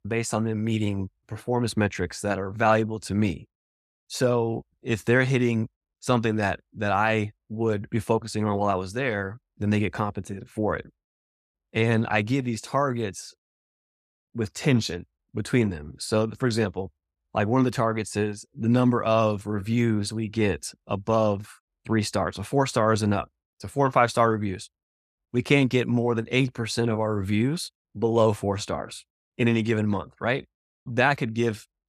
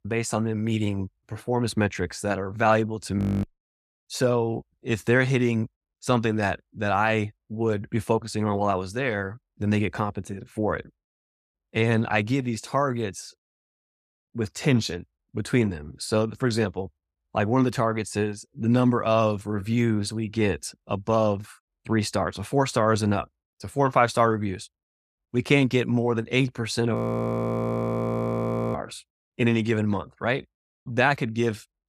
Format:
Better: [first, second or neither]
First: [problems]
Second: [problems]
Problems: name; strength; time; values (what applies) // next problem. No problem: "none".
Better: first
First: none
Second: audio freezing; at 3 s and at 27 s for 2 s